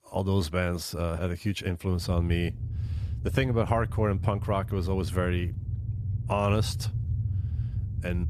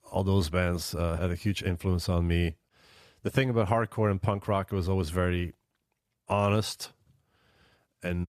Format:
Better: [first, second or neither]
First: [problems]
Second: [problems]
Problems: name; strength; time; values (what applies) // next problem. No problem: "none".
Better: second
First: low rumble; noticeable; from 2 s on; 15 dB below the speech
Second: none